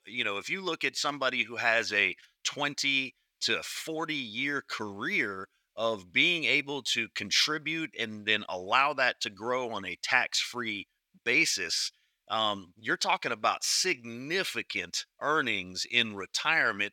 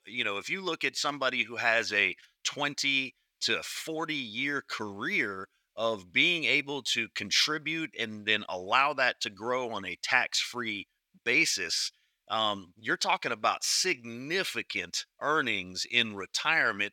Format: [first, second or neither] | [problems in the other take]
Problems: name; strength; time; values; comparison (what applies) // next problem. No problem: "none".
neither | thin; somewhat; fading below 1 kHz; the same in both